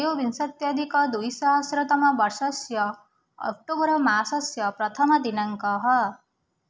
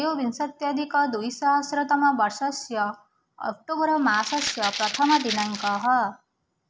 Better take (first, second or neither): first